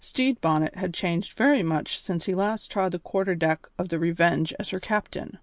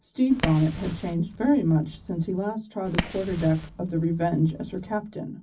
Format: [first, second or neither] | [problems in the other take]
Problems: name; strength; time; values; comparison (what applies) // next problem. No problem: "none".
first | background sound (Fire); 11 dB below the speech // room echo; dies away in 0.4 s